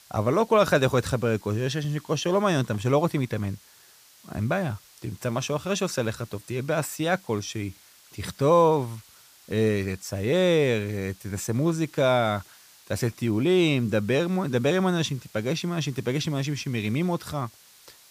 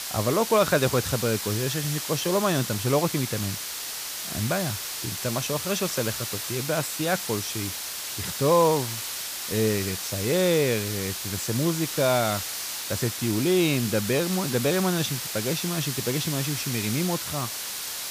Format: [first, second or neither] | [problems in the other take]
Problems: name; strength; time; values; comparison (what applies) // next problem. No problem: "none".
first | hiss; loud; throughout; 4 dB below the speech; faint in the first